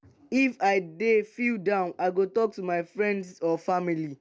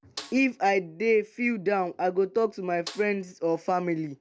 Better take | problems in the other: first | background sound (Snare drum); 20 dB below the speech

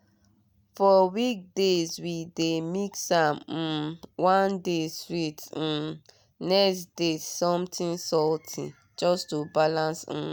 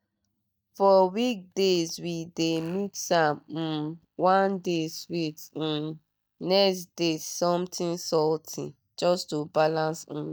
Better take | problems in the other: first | noise reduction (neural mask model DeepFilterNet 3)

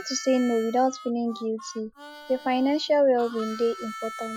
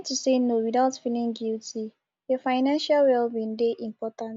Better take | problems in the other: second | noise reduction (classical method Wiener filter)

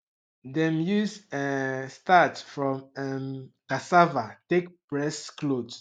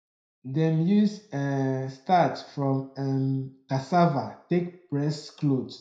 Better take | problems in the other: first | room echo; dies away in 0.4 s

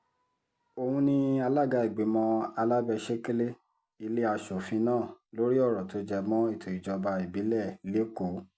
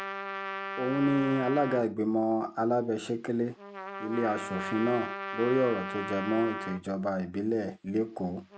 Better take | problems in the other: first | background sound (Trumpet); 9 dB below the speech

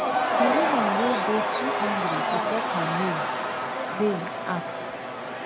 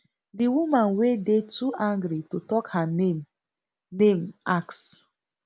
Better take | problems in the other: second | background sound (Crowd / Cheering); 5 dB above the speech

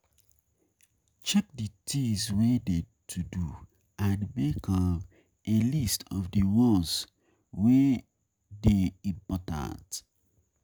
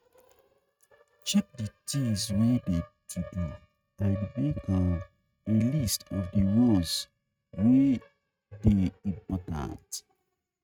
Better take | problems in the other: first | noise reduction (neural mask model RNNoise)

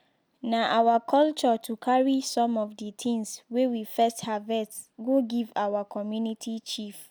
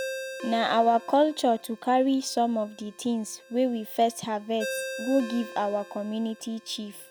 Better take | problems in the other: first | background sound (Ringtone); 13 dB below the speech

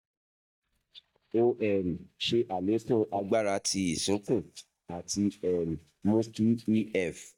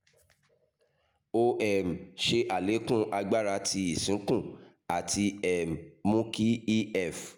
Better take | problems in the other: second | noise reduction (neural mask model DeepFilterNet 3)

